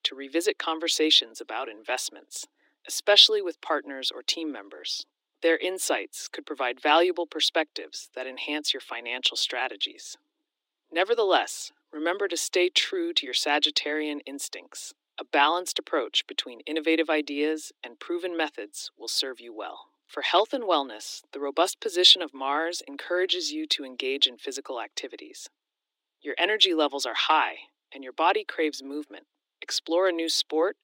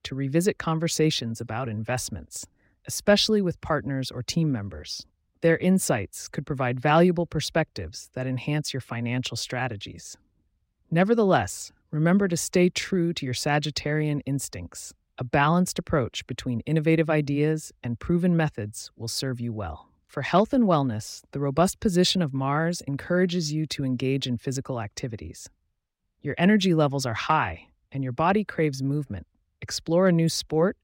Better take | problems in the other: second | thin; very; fading below 300 Hz

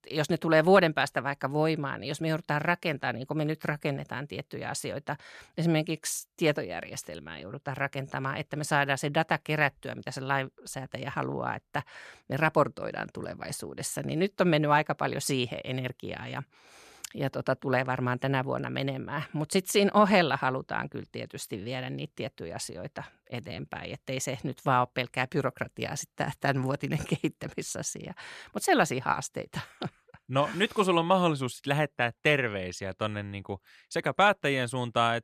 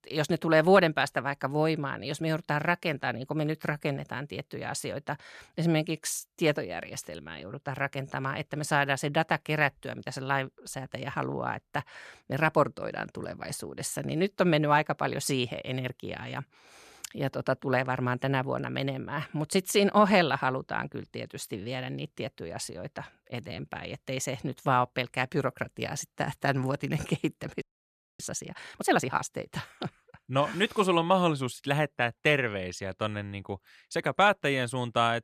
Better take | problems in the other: first | audio freezing; at 28 s for 0.5 s

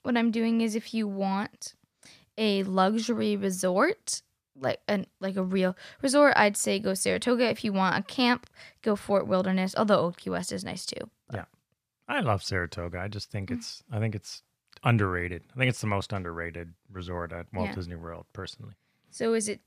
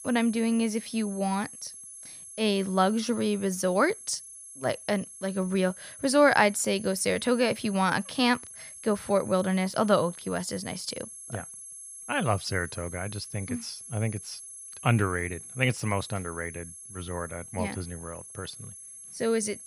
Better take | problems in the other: first | high-pitched whine; noticeable; throughout; 11 kHz, 15 dB below the speech

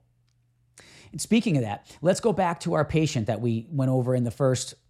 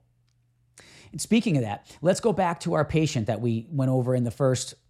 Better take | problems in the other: neither | none

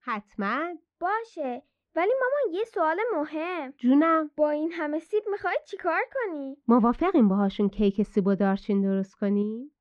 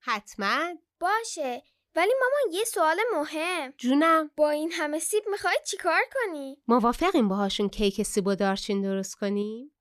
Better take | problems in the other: second | muffled; very; fading above 2 kHz

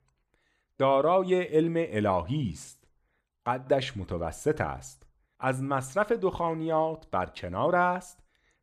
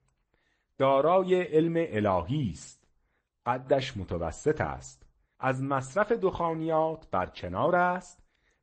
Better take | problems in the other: first | garbled, watery; slightly; nothing above 8 kHz

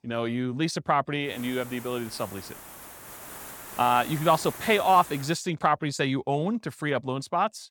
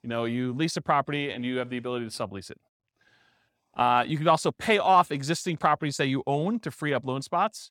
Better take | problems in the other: second | hiss; noticeable; from 1.5 to 5.5 s; 15 dB below the speech

